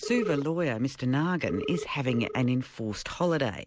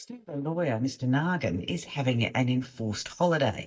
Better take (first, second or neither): first